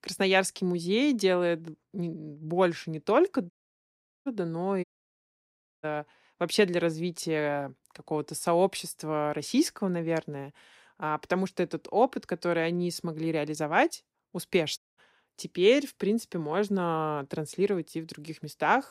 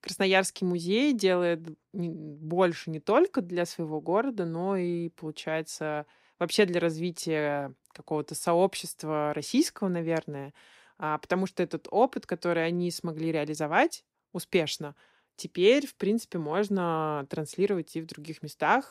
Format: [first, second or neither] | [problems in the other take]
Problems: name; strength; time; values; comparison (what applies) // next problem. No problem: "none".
second | audio cutting out; at 3.5 s for 1 s, at 5 s for 1 s and at 15 s